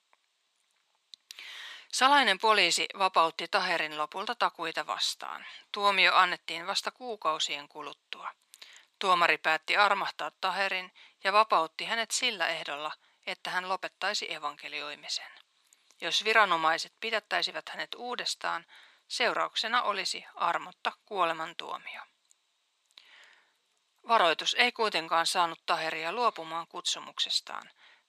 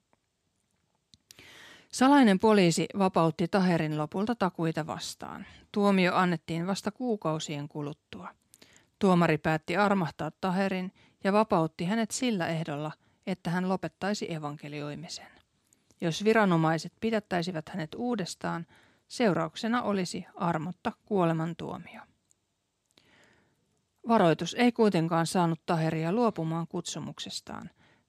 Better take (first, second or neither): second